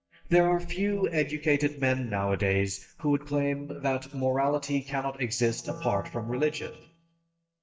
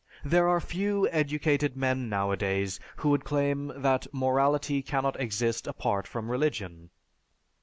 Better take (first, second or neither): second